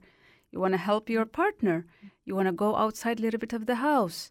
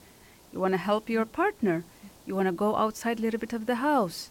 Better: first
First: none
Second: hiss; faint; throughout; 25 dB below the speech

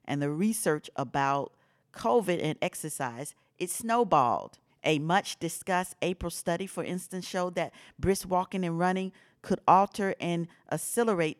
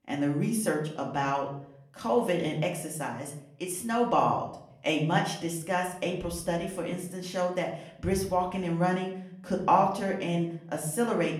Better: first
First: none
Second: room echo; slight; dies away in 0.6 s // off-mic speech; far

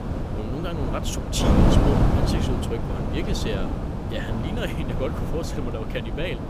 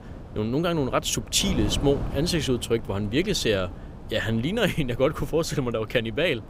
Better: second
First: wind noise on the microphone; heavy; 2 dB above the speech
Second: wind noise on the microphone; occasional gusts; 15 dB below the speech

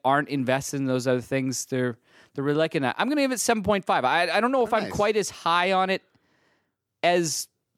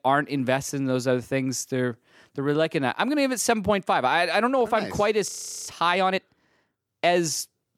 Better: first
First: none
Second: audio freezing; at 5.5 s

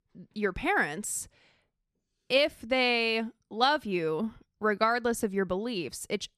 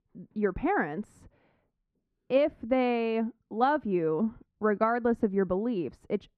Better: first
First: none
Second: muffled; very; fading above 3 kHz

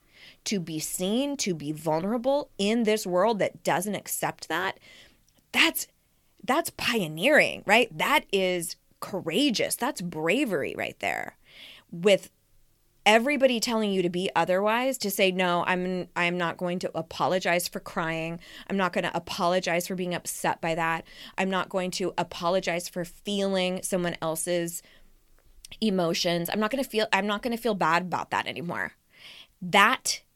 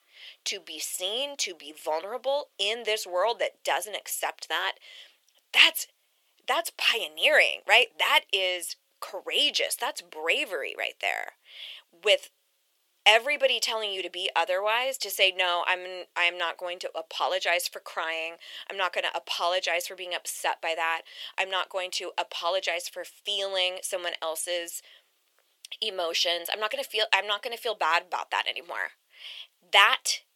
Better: first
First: none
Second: thin; very; fading below 450 Hz

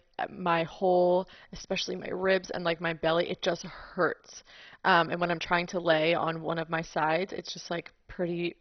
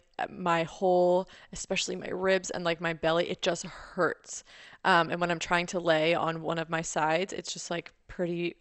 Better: second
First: garbled, watery; badly; nothing above 6 kHz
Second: garbled, watery; slightly; nothing above 8 kHz

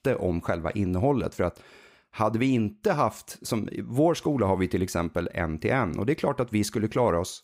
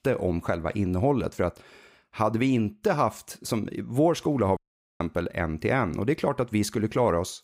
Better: first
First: none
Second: audio cutting out; at 4.5 s

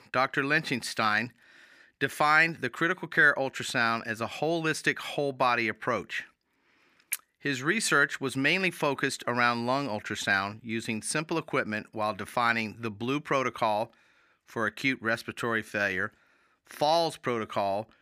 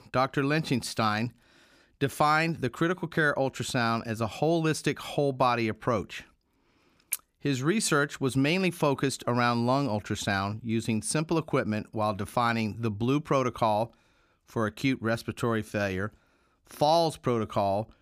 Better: second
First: thin; very slightly; fading below 500 Hz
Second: none

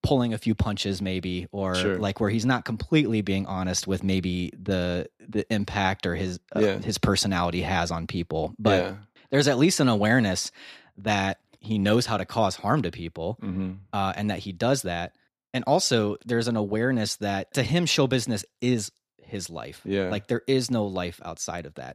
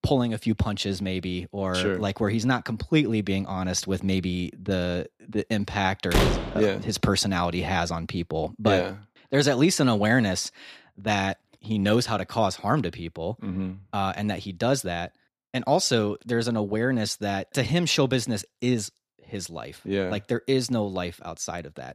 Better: first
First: none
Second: door banging; loud; at 6 s; peak 3 dB above the speech

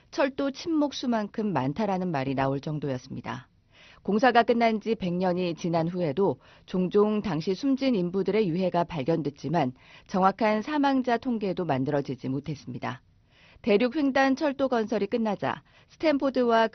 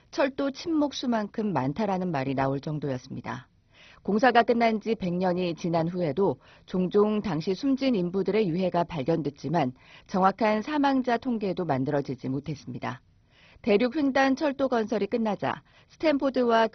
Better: first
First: garbled, watery; slightly; nothing above 6 kHz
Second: garbled, watery; badly; nothing above 6 kHz

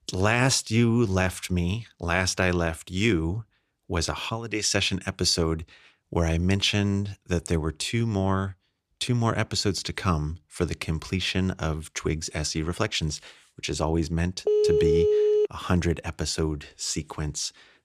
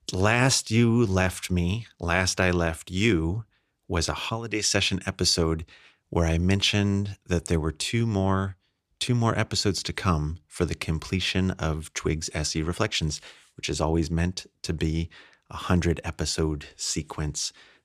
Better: second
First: phone ringing; loud; from 14 to 15 s; peak 5 dB above the speech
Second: none

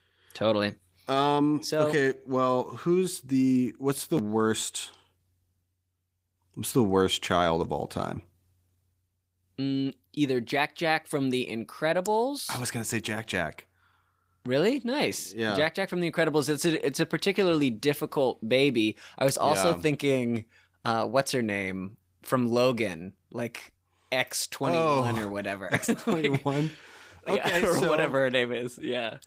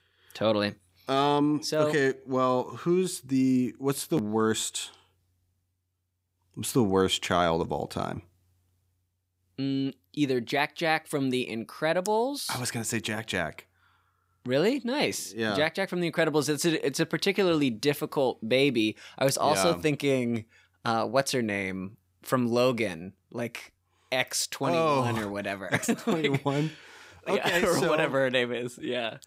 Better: second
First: garbled, watery; slightly; nothing above 15.5 kHz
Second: none

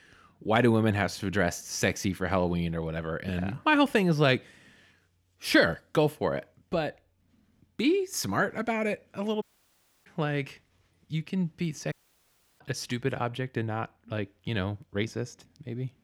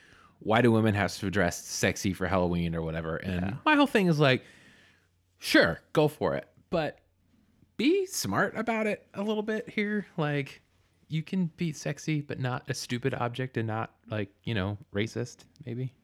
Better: second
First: audio cutting out; at 9.5 s for 0.5 s and at 12 s for 0.5 s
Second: none

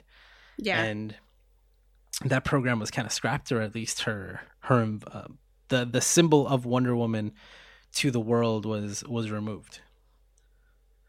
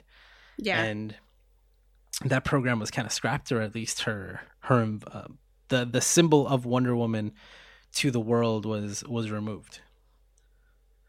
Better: neither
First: none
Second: none

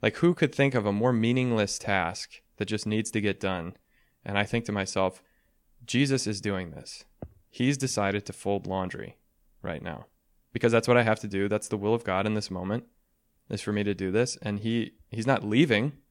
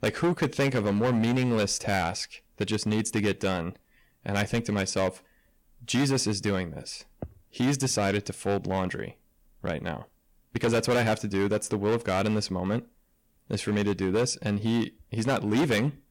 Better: first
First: none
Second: distortion; heavy; 9% of the sound clipped

